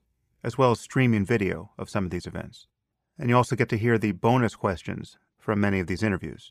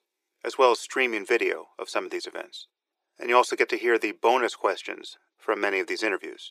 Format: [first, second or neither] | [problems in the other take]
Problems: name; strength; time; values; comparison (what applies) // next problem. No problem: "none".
first | thin; very; fading below 350 Hz